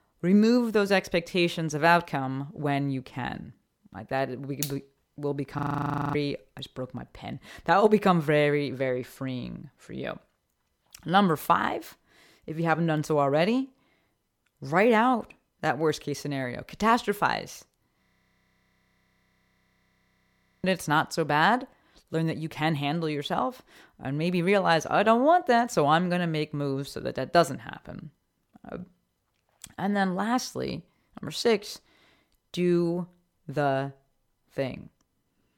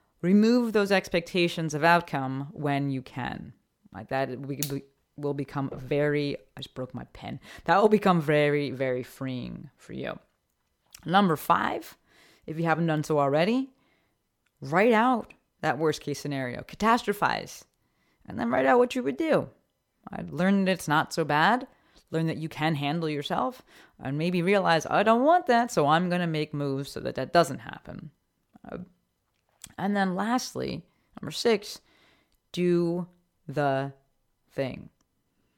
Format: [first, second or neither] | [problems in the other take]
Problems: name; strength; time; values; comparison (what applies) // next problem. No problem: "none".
second | audio freezing; at 5.5 s for 0.5 s and at 18 s for 2.5 s